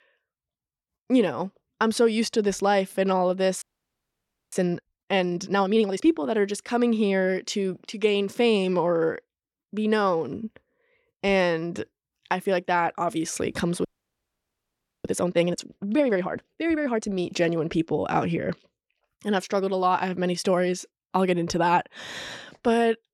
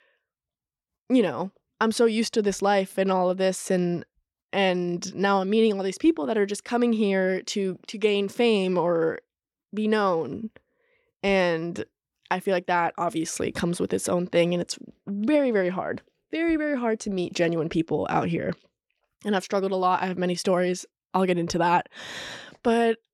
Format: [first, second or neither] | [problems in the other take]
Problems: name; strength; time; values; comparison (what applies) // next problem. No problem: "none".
second | audio freezing; at 3.5 s for 1 s and at 14 s for 1 s